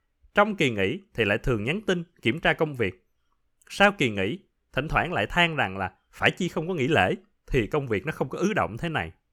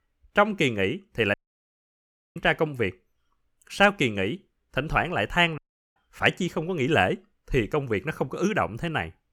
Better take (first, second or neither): first